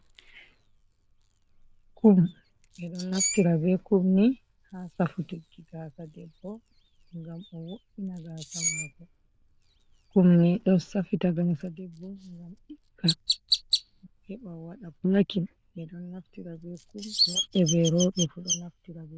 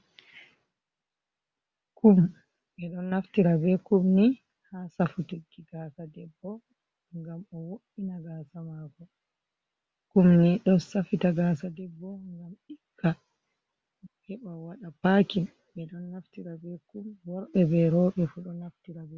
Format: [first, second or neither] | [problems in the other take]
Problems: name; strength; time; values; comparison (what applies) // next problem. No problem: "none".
second | noise reduction (neural diffusion model UNIVERSE++)